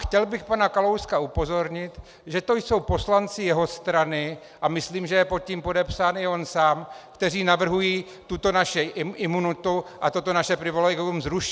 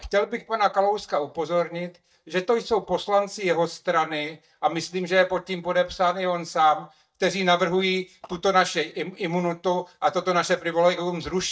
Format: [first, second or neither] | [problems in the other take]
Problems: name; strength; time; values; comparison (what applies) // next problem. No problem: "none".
first | noise reduction (neural mask model DeepFilterNet 3)